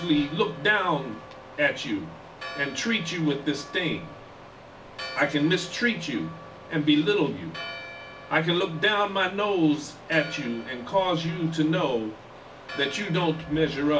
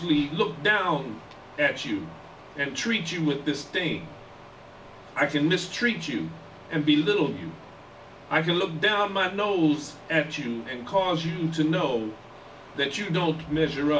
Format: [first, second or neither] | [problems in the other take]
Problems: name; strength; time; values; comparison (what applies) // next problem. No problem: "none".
second | background sound (Church bell); 17 dB below the speech